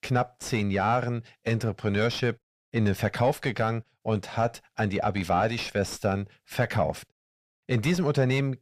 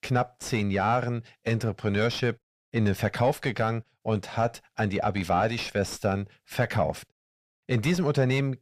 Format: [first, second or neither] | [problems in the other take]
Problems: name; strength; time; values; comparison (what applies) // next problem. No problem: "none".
neither | distortion; slight; 10 dB below the speech; the same in both